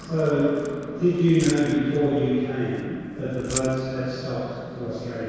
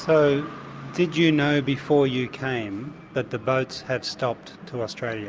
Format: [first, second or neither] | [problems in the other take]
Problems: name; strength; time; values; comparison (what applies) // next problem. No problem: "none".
second | background sound (Keys jangling); 16 dB below the speech // room echo; dies away in 2 s